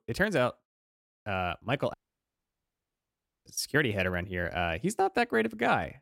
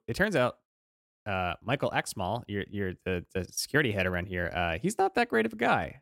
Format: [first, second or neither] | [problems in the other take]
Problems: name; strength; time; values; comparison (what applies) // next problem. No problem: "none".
second | audio cutting out; at 2 s for 1.5 s